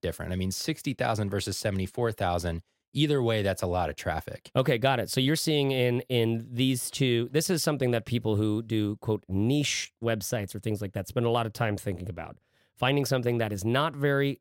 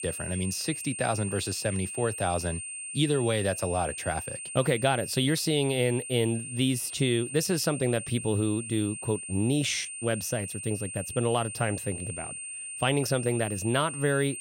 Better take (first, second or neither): first